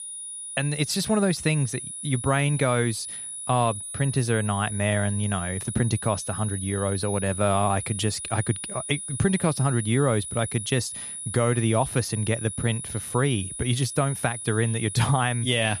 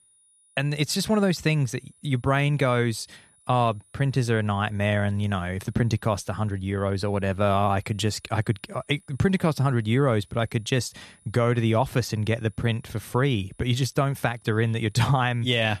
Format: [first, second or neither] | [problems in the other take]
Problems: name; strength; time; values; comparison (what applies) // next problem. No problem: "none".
second | high-pitched whine; loud; throughout; 10 kHz, 7 dB below the speech; faint in the second